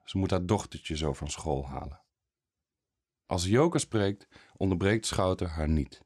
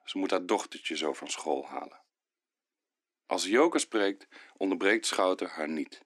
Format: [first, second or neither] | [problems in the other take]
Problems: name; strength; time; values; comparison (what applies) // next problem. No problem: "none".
first | thin; somewhat; fading below 250 Hz